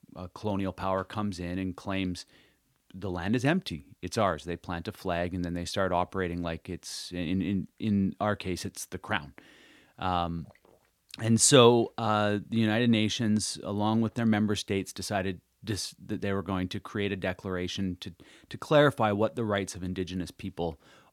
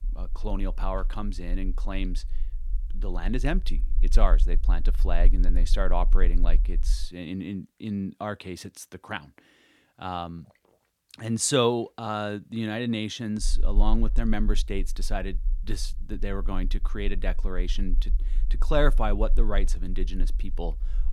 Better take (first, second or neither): first